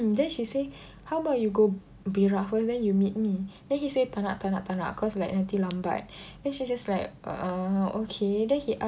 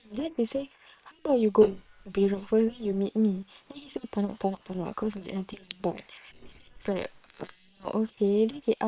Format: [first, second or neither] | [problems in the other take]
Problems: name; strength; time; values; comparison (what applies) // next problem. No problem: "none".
first | noise reduction (neural separator model SepFormer WHAM!)